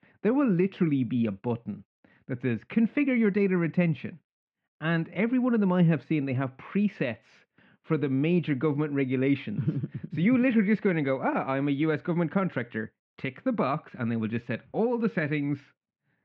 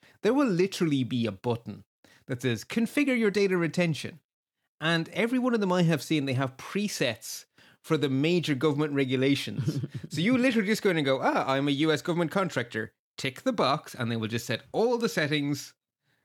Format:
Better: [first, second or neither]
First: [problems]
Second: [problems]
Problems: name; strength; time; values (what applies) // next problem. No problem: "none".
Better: second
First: muffled; very; fading above 2.5 kHz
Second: none